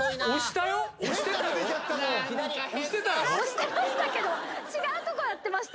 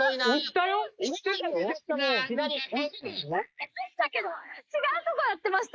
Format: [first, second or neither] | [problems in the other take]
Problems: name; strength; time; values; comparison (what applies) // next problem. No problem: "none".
first | noise reduction (neural mask model Resemble Enhance denoiser)